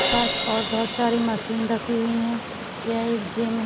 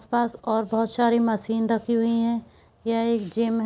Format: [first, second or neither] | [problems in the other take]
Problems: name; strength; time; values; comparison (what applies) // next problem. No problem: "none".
second | background sound (Crash cymbal + Stream); 4 dB below the speech